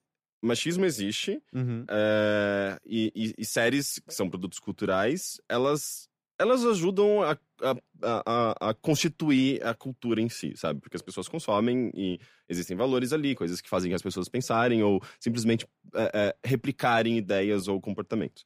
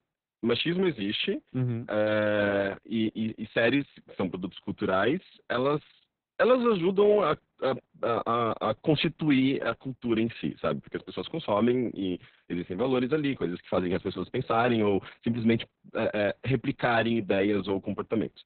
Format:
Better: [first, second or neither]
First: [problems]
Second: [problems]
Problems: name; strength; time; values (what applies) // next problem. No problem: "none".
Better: first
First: none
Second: garbled, watery; badly; nothing above 4 kHz